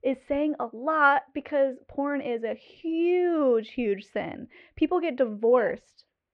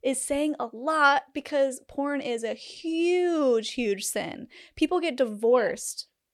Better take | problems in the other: second | muffled; very; fading above 2 kHz

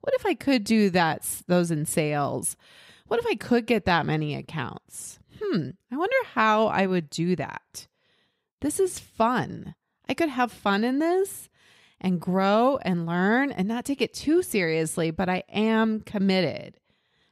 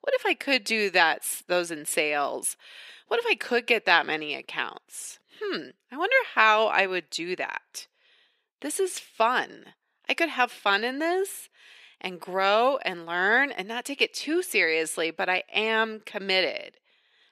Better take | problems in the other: first | thin; somewhat; fading below 350 Hz

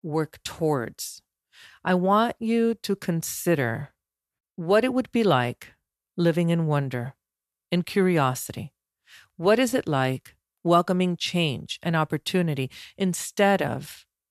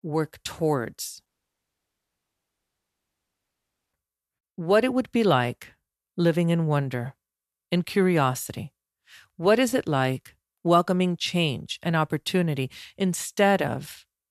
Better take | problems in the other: first | audio cutting out; at 1.5 s for 2.5 s

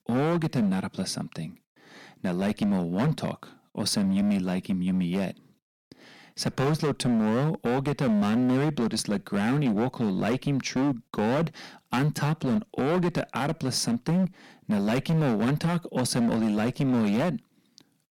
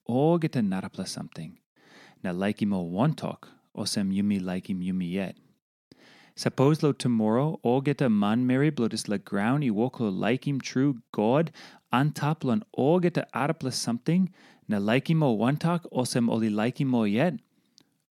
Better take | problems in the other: second | distortion; heavy; 16% of the sound clipped

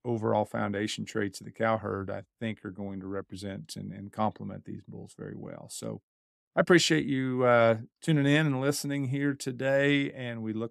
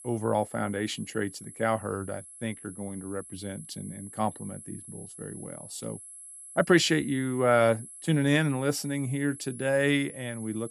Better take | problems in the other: first | high-pitched whine; noticeable; throughout; 11 kHz, 15 dB below the speech

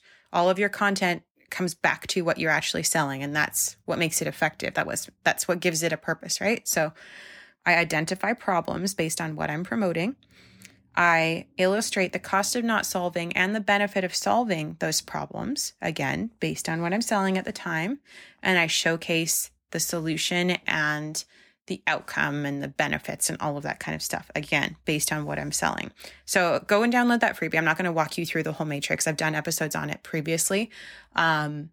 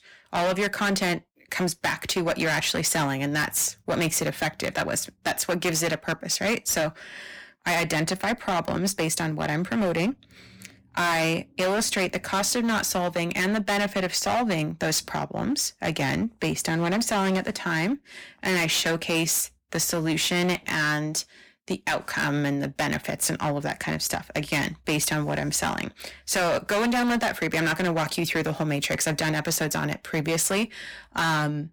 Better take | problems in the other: first | distortion; heavy; 16% of the sound clipped

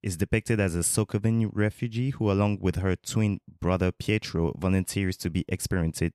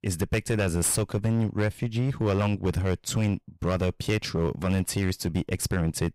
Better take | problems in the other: first | distortion; heavy; 13% of the sound clipped

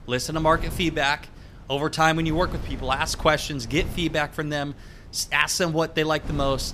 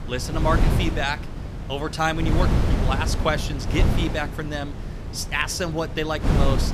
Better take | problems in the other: first | wind noise on the microphone; heavy; 7 dB below the speech; occasional gusts in the first

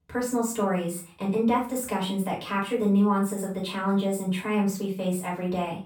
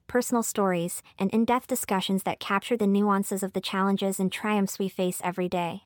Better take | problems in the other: second | off-mic speech; far // room echo; slight; dies away in 0.3 s

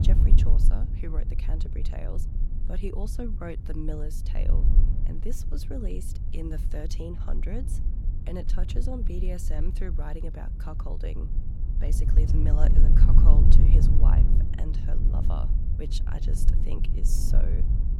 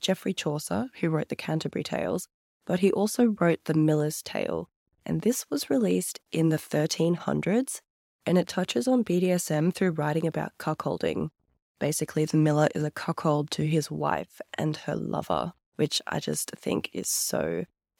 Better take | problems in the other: second | low rumble; loud; throughout; 2 dB below the speech

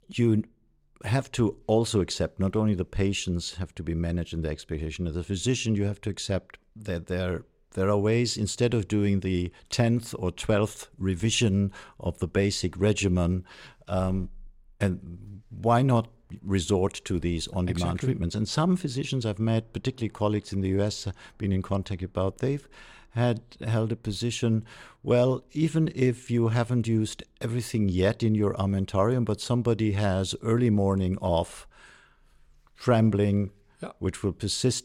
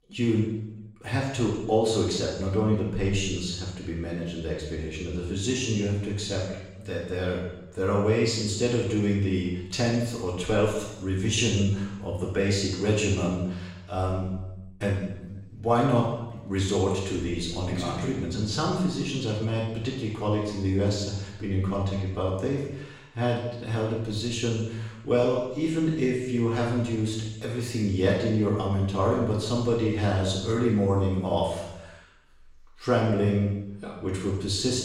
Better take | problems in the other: first | room echo; strong; dies away in 0.9 s // off-mic speech; far

